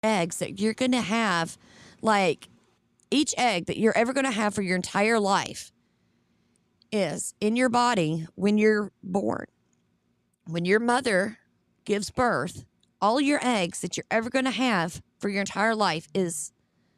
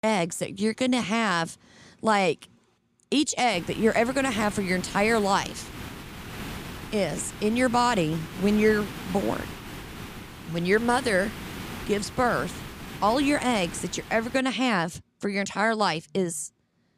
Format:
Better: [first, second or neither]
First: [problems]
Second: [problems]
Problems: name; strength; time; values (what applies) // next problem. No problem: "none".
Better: first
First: none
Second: hiss; noticeable; from 3.5 to 14 s; 15 dB below the speech